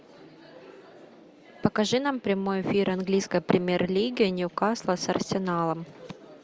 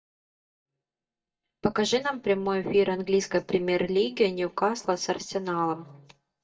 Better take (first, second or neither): first